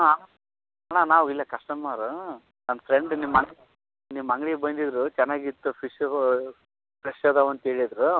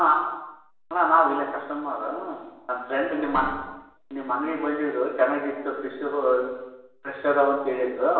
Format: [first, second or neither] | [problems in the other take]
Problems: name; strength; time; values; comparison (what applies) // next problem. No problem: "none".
first | room echo; dies away in 0.9 s